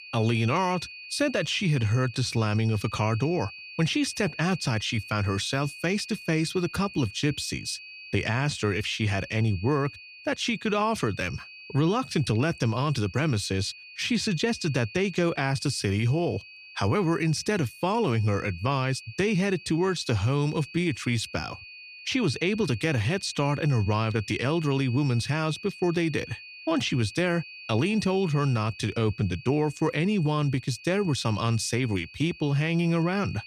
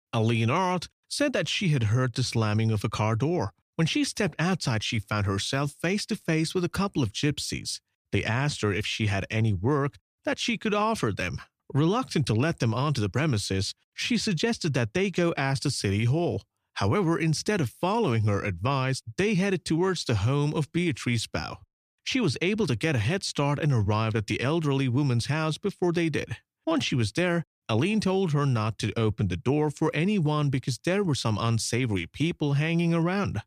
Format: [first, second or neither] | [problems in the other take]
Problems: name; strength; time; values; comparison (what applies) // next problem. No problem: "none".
second | high-pitched whine; noticeable; throughout; 2.5 kHz, 15 dB below the speech